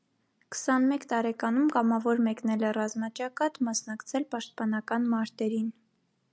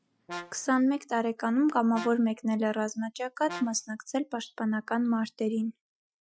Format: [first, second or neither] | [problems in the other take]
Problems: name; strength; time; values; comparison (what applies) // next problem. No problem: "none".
first | noise reduction (classical method Wiener filter)